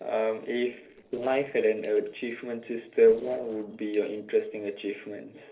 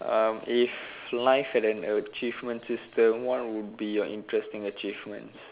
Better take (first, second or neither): second